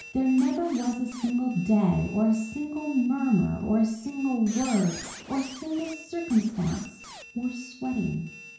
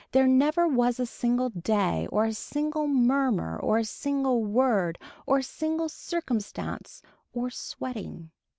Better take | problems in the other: second | background sound (Squeak); 18 dB below the speech // room echo; dies away in 0.6 s

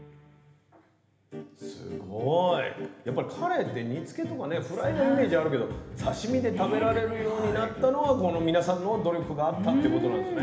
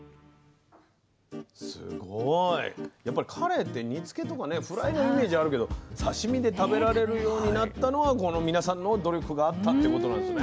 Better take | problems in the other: second | room echo; dies away in 1.1 s

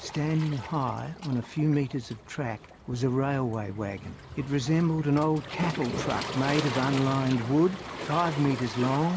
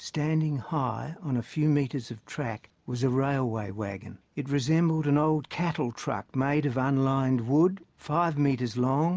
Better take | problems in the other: second | background sound (Waves, surf); 10 dB below the speech

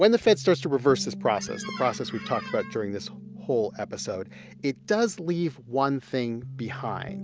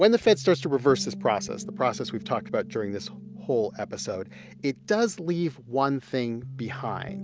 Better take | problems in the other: second | background sound (Squeak); 15 dB below the speech

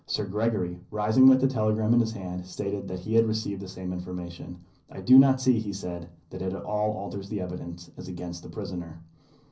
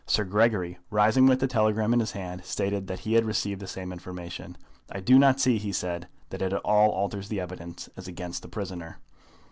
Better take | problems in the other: second | room echo; dies away in 0.5 s

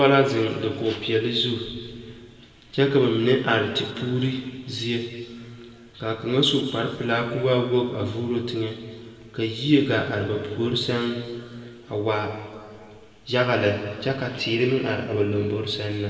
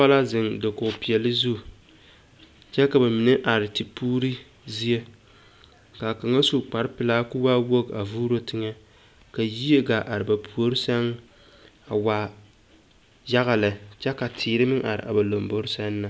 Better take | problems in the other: second | room echo; dies away in 2 s

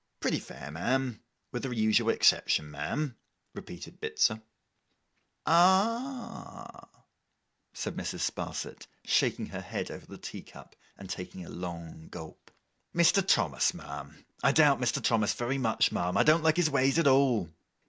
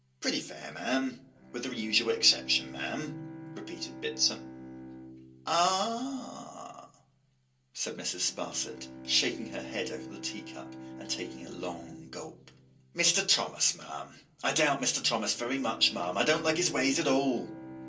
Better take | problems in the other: first | background sound (Bowed string instrument); 14 dB below the speech // room echo; dies away in 0.3 s

